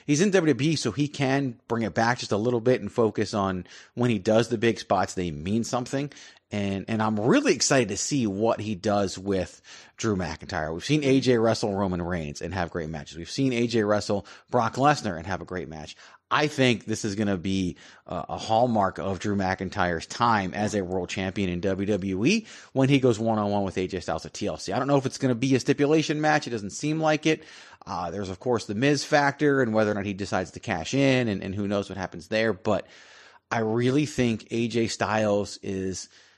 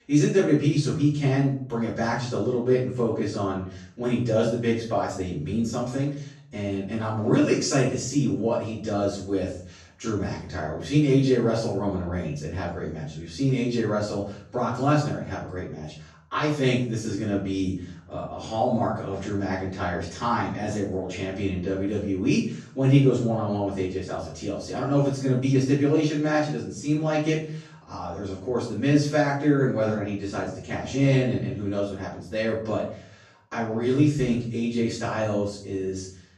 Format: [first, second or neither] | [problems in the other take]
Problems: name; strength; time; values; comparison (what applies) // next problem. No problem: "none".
first | off-mic speech; far // room echo; noticeable; dies away in 0.6 s